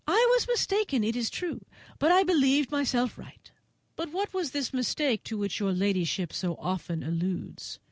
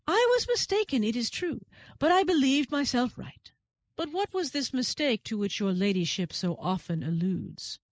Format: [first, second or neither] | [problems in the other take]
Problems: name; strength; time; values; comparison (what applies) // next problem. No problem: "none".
first | noise reduction (neural mask model Resemble Enhance denoiser)